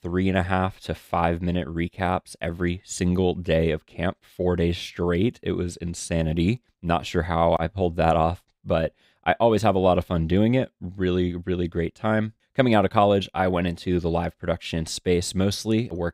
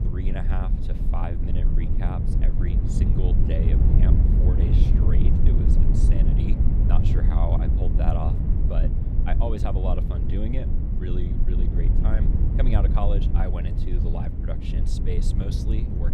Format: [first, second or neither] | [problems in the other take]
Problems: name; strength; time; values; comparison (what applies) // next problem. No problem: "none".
first | low rumble; loud; throughout; as loud as the speech